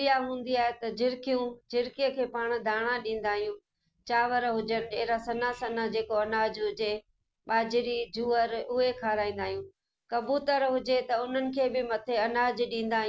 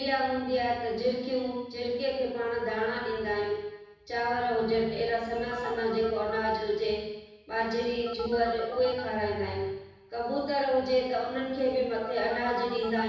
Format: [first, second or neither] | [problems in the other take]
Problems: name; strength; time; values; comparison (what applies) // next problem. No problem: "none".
first | background sound (Telephone); 12 dB below the speech // room echo; dies away in 1.1 s